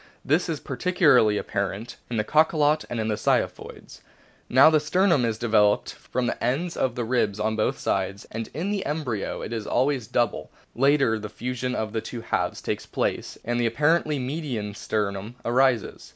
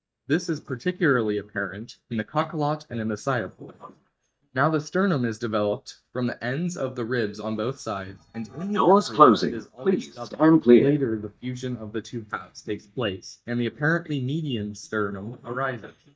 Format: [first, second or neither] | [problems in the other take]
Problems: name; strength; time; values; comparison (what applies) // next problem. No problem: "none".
first | noise reduction (neural mask model DeepFilterNet 3)